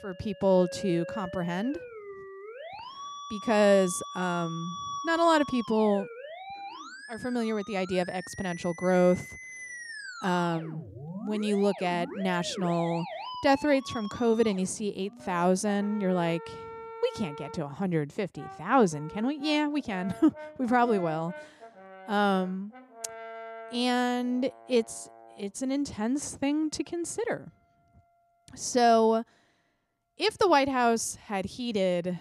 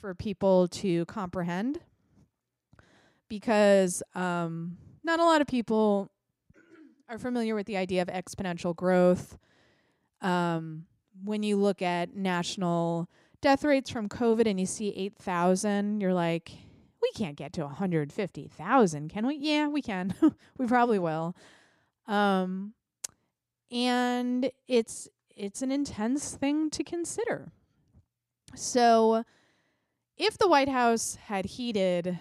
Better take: second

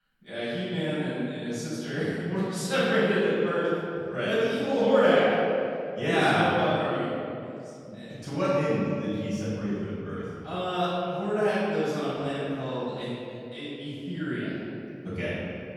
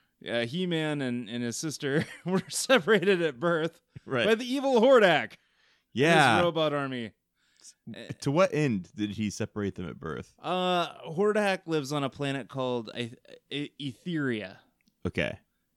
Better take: second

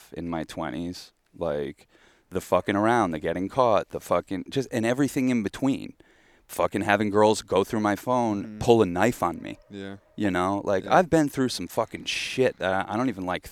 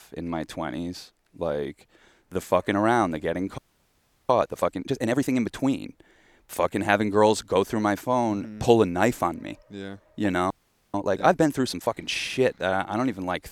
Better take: first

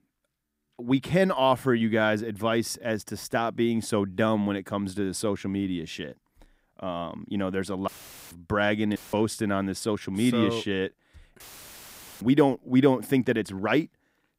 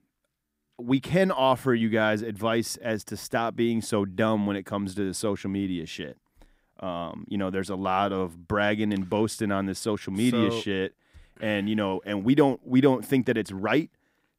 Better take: second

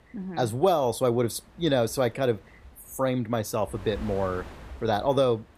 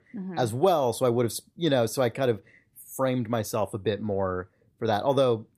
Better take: second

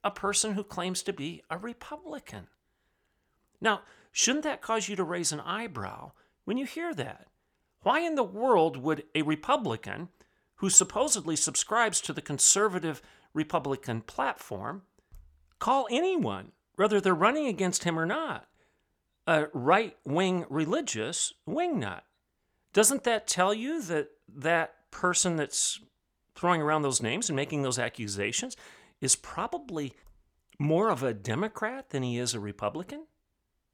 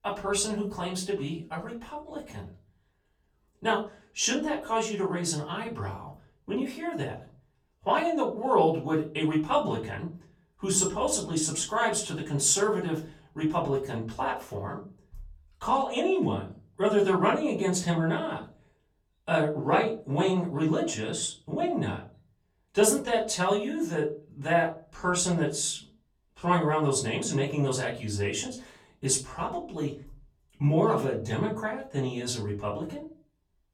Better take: first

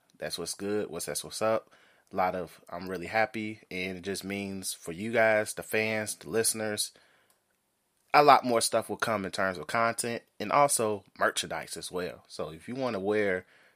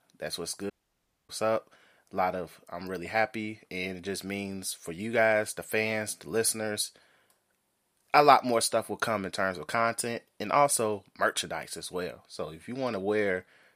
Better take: first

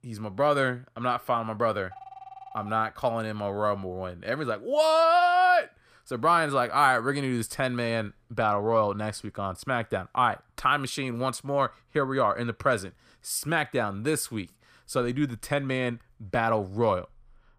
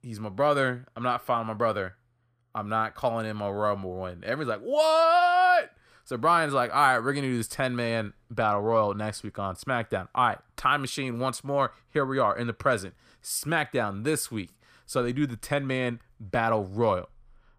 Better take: second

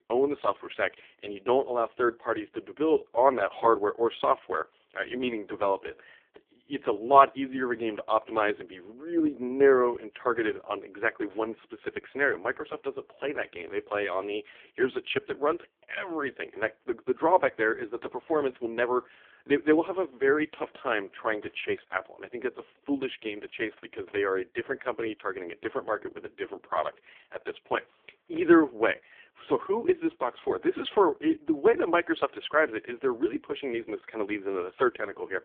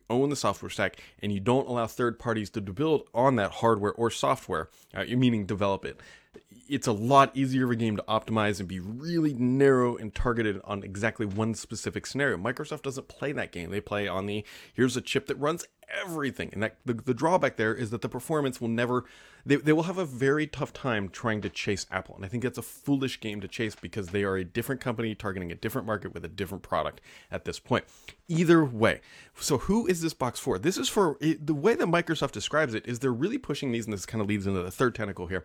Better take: second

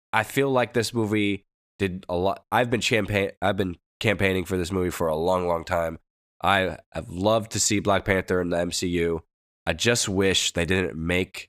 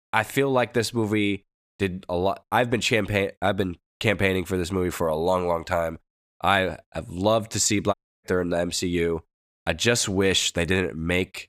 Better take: first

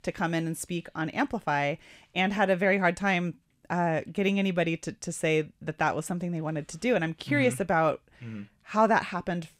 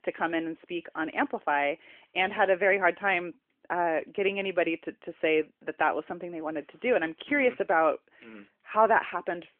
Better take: first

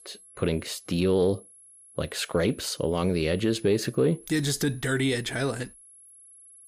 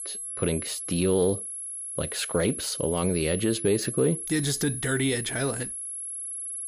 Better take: first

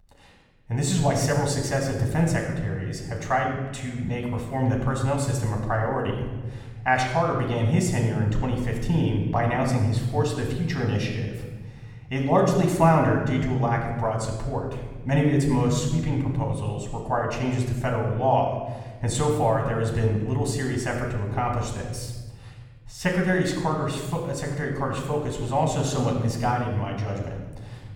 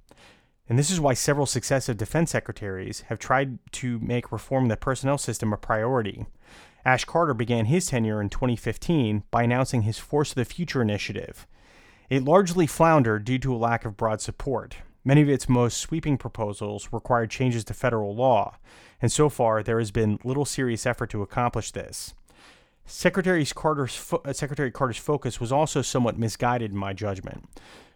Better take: second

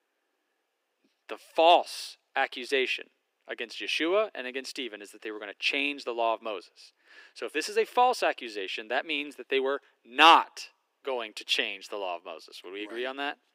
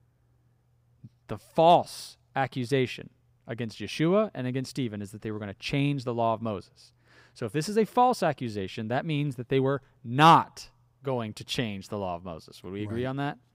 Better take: second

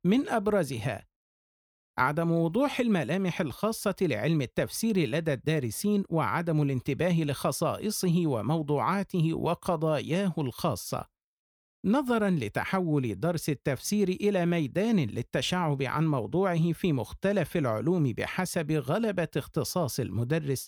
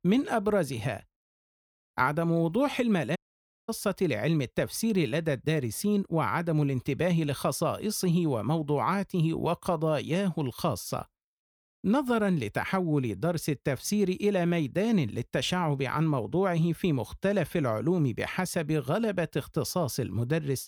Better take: first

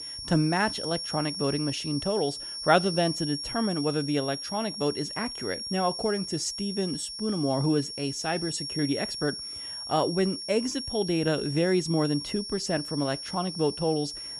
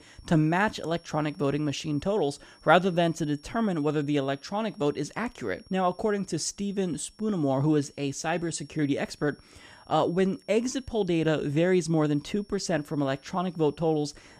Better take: second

